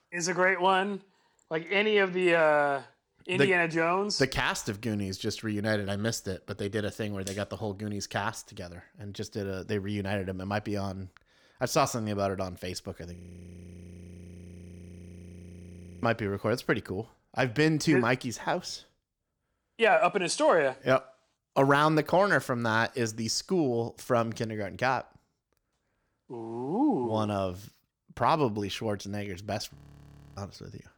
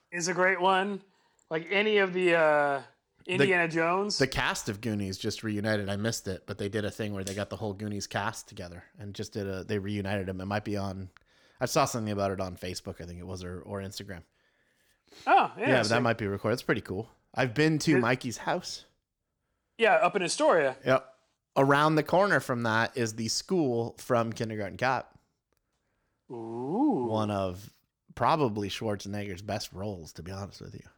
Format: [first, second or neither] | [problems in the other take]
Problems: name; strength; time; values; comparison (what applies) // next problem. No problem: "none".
second | audio freezing; at 13 s for 3 s and at 30 s for 0.5 s